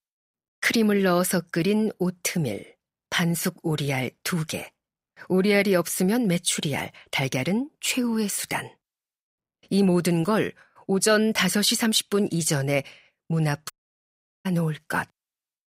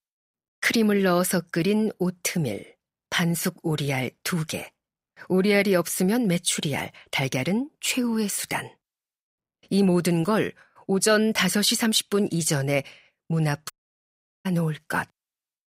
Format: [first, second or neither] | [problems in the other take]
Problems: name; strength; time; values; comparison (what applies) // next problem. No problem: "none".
neither | audio cutting out; at 14 s for 1 s; the same in both